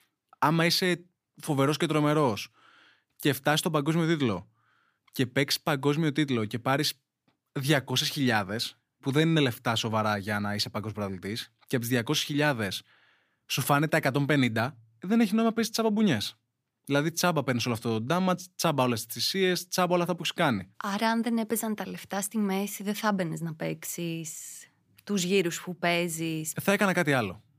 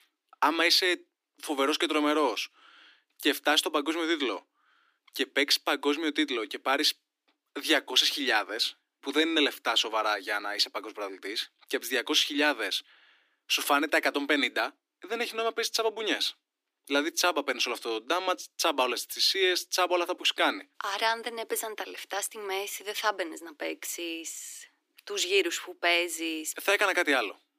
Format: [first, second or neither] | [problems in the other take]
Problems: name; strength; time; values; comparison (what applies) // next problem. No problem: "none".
first | thin; somewhat; fading below 300 Hz